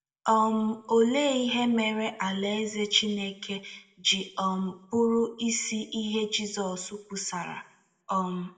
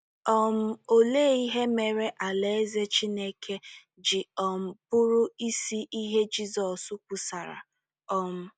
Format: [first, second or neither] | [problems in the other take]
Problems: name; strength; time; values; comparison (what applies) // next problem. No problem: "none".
second | room echo; dies away in 0.7 s